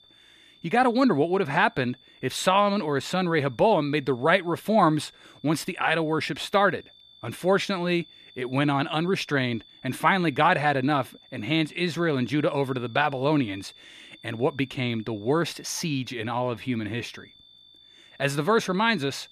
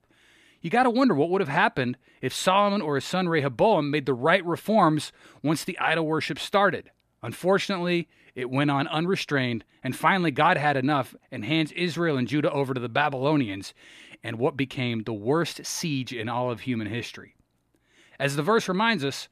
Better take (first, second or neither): second